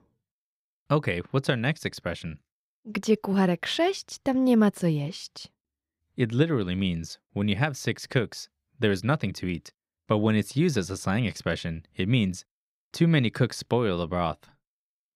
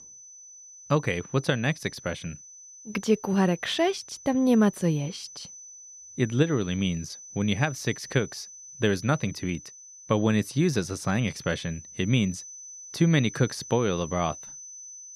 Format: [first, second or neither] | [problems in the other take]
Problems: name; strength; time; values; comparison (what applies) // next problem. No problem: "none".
first | high-pitched whine; noticeable; throughout; 6 kHz, 15 dB below the speech